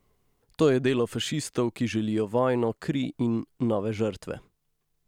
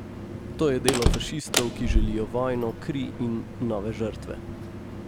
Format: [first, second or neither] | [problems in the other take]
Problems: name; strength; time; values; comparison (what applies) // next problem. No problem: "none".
first | background sound (Slam); as loud as the speech